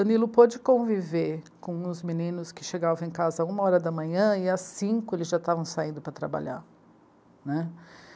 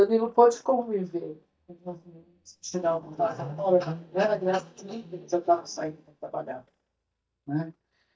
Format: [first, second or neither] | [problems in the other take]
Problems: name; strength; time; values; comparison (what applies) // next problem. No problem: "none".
first | noise reduction (neural mask model DeepFilterNet 3)